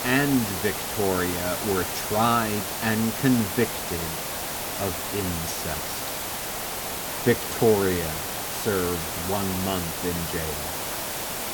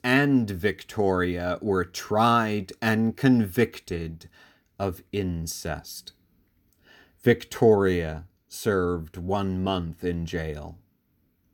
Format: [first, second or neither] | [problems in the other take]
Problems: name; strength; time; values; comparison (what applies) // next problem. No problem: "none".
second | hiss; loud; throughout; 2 dB below the speech